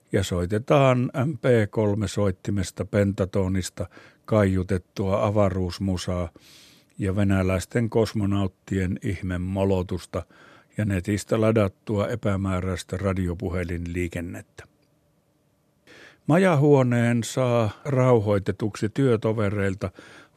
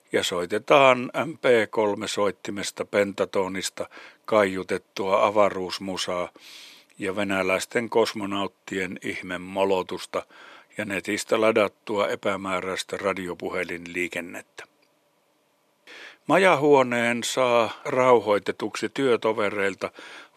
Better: first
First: none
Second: thin; somewhat; fading below 350 Hz

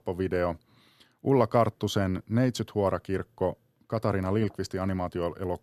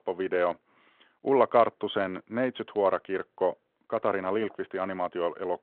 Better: first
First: none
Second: phone-call audio

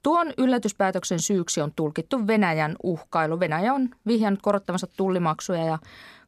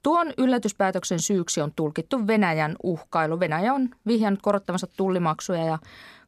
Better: neither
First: none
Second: none

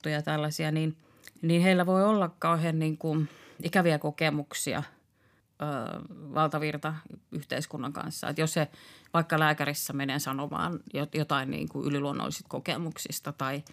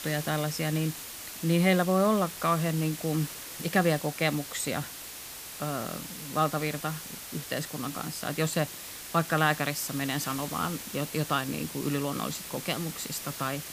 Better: first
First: none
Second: hiss; loud; throughout; 9 dB below the speech

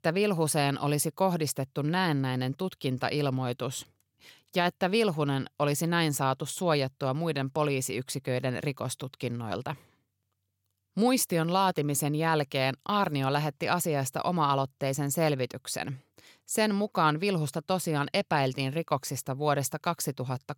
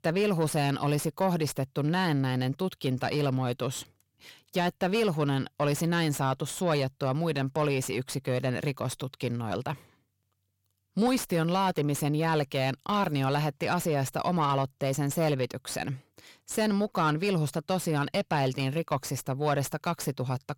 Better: first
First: none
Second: distortion; slight; 10 dB below the speech

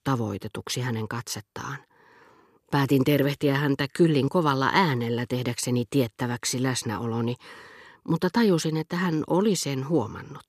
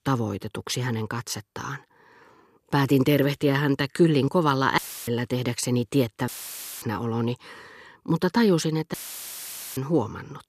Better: first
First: none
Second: audio cutting out; filled with static; at 5 s, at 6.5 s for 0.5 s and at 9 s for 1 s

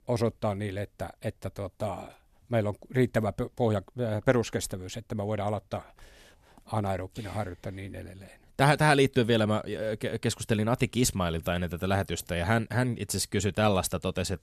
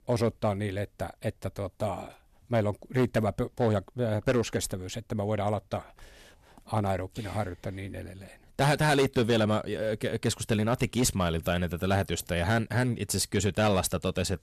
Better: first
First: none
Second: distortion; slight; 4% of the sound clipped

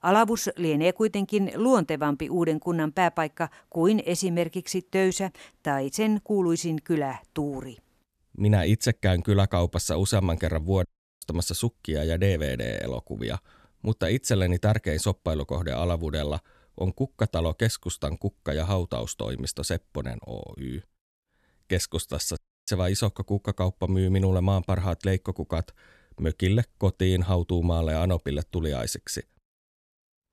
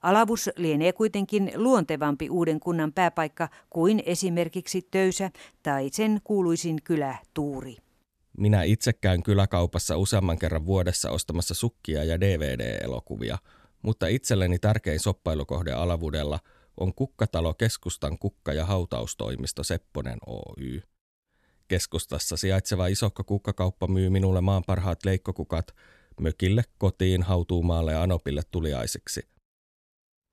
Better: second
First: audio cutting out; at 11 s and at 22 s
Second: none

